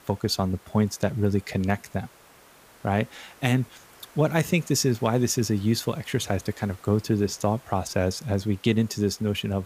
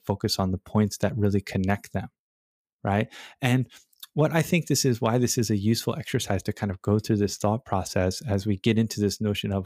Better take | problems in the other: second | hiss; faint; throughout; 25 dB below the speech

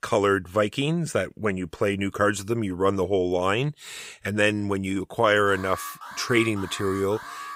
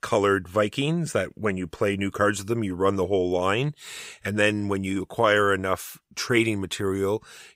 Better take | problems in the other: second | alarm; faint; from 5.5 s on; peak 10 dB below the speech

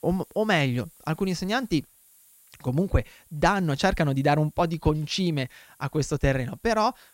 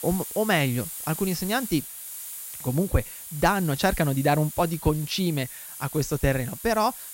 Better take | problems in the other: first | hiss; loud; throughout; 10 dB below the speech; faint in the first

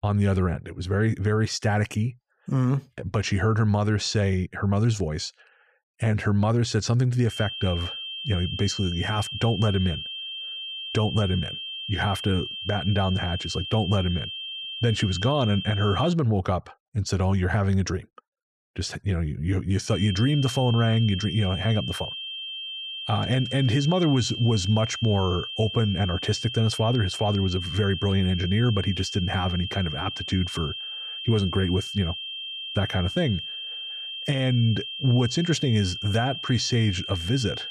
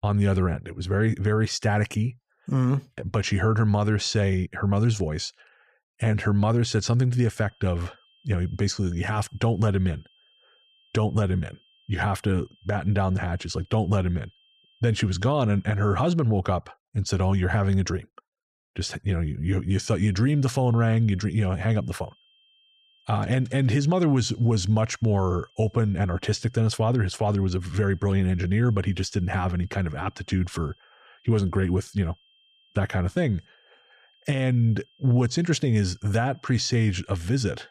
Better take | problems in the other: second | high-pitched whine; loud; from 7.5 to 16 s and from 20 s on; 3 kHz, 7 dB below the speech; faint in the second

